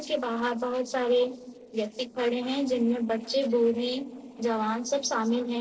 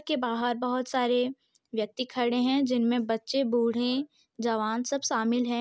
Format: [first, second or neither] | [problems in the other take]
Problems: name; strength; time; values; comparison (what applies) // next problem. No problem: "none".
second | noise reduction (neural separator model SepFormer DNS4)